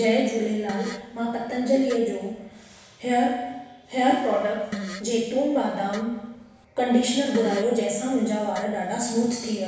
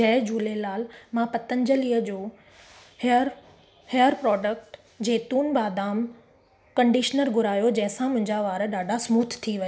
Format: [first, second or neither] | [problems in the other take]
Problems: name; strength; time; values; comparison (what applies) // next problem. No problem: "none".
second | background sound (Fart); 15 dB below the speech // room echo; dies away in 1.1 s